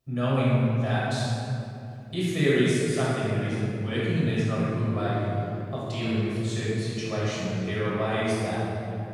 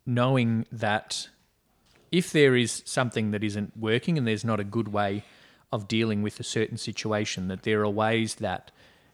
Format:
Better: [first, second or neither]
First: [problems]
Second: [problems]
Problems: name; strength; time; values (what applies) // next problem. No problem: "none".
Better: second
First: off-mic speech; far // room echo; strong; dies away in 3 s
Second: none